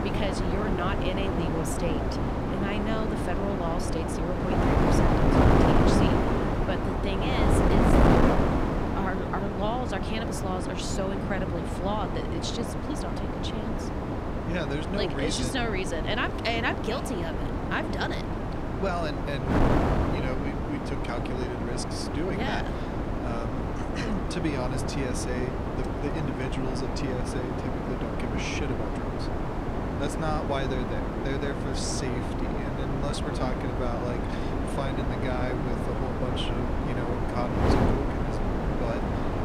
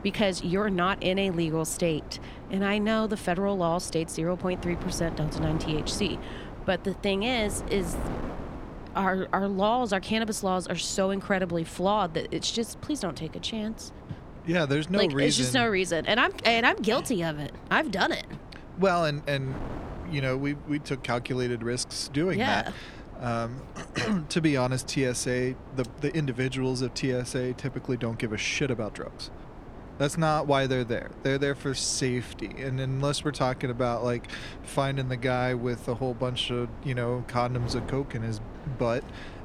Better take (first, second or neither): second